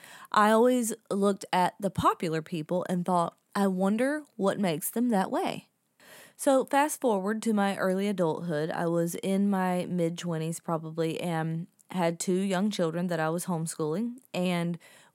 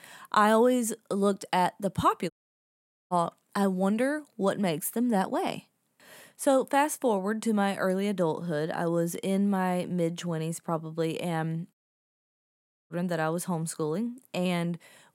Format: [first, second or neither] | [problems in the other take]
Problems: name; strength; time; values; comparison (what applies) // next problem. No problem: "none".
first | audio cutting out; at 2.5 s for 1 s and at 12 s for 1 s